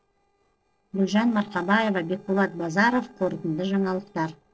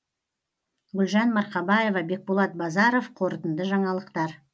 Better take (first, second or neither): second